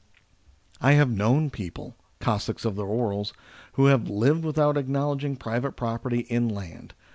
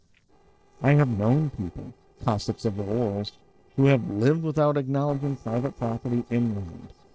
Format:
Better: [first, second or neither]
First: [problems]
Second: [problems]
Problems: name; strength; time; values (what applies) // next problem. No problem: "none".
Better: first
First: none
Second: noise reduction (neural separator model SepFormer DNS4)